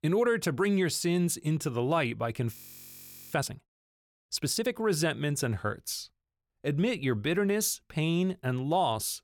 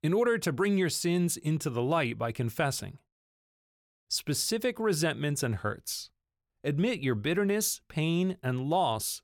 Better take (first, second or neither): second